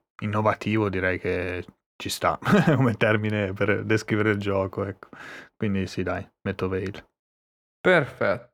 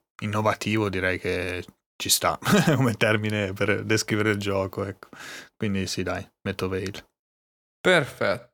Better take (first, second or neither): second